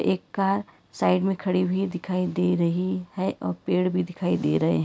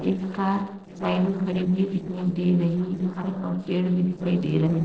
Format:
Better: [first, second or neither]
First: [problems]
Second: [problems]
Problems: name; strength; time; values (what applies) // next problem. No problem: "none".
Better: first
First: none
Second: noise reduction (neural separator model SepFormer DNS4)